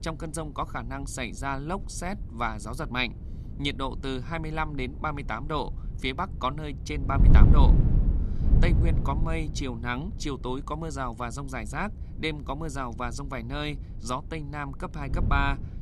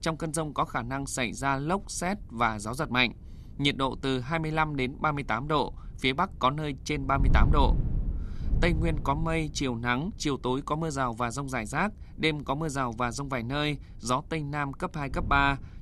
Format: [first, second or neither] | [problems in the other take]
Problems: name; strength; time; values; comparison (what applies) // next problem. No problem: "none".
second | wind noise on the microphone; heavy; 9 dB below the speech; occasional gusts in the second